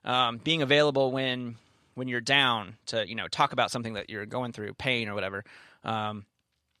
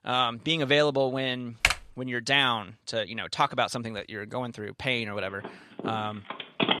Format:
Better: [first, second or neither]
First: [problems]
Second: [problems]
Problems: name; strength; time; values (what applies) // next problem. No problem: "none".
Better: first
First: none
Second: keyboard typing; loud; at 1.5 s; peak 2 dB above the speech // phone ringing; loud; from 5.5 s on; peak 1 dB above the speech